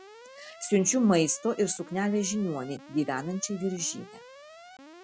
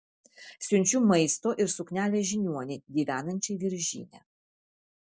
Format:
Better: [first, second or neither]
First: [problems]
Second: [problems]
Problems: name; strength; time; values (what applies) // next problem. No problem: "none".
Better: second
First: background sound (Alarm); 20 dB below the speech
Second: none